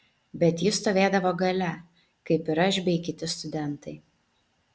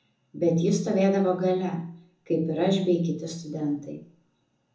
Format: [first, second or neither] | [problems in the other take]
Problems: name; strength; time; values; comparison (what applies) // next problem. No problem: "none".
first | room echo; dies away in 0.6 s